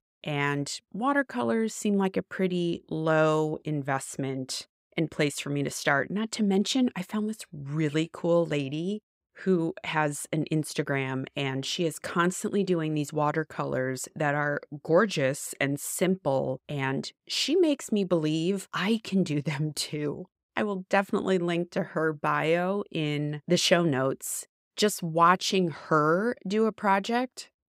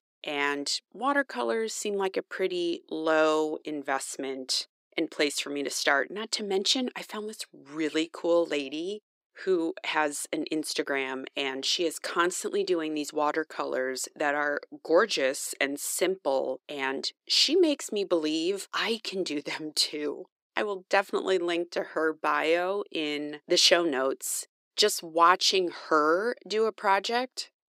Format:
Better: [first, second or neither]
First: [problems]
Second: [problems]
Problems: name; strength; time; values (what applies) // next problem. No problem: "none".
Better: first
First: none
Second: thin; somewhat; fading below 300 Hz